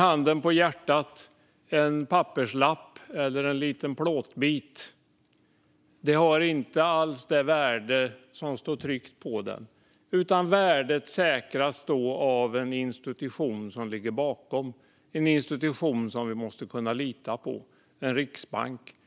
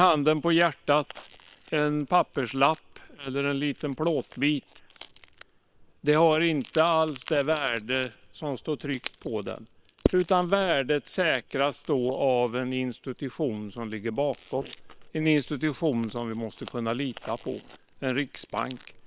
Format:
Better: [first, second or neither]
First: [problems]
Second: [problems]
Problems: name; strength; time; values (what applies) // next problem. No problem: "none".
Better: first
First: none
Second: noise reduction (neural separator model SepFormer WHAM!)